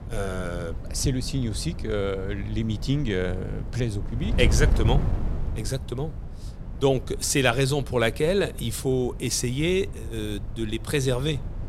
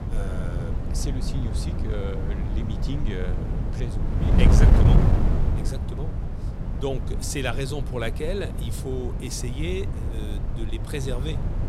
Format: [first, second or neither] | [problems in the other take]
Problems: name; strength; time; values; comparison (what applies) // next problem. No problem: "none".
first | wind noise on the microphone; heavy; 2 dB below the speech; occasional gusts in the first